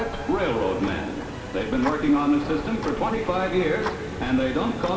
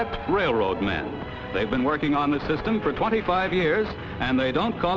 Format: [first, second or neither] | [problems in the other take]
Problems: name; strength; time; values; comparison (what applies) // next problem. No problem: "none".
second | background sound (Tick-tock); 15 dB below the speech // room echo; dies away in 2.1 s